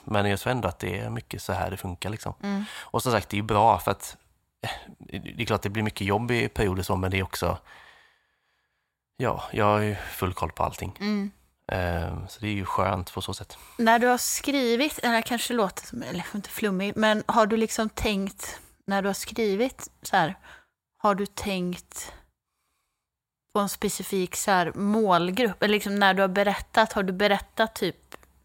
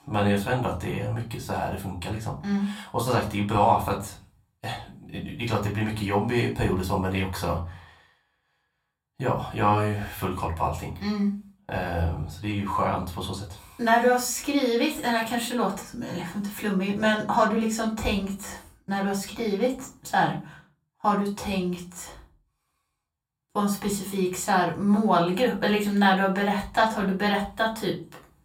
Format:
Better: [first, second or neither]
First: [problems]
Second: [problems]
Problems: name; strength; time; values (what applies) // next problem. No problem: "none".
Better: first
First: none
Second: off-mic speech; far // room echo; slight; dies away in 0.3 s